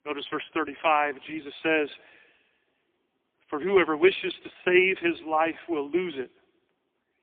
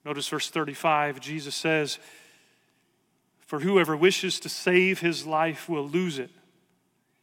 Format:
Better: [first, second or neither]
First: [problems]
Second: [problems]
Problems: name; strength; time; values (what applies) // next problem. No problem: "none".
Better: second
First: phone-call audio; poor line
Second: none